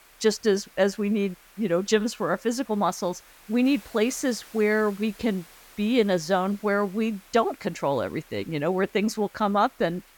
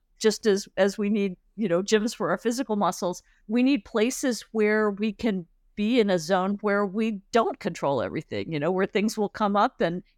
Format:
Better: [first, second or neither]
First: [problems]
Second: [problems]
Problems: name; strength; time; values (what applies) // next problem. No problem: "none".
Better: second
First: hiss; faint; throughout; 25 dB below the speech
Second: none